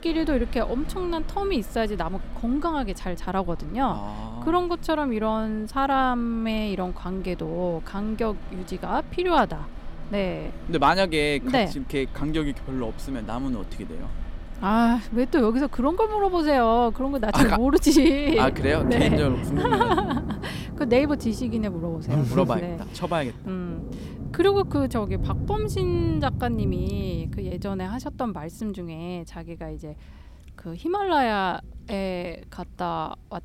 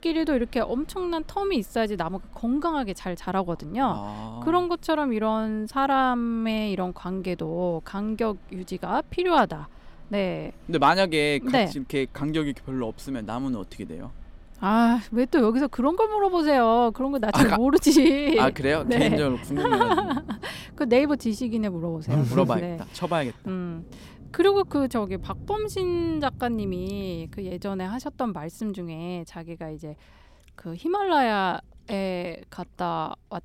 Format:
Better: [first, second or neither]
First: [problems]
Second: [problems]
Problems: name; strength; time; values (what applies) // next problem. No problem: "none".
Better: second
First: rain or running water; loud; throughout; 10 dB below the speech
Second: rain or running water; faint; throughout; 20 dB below the speech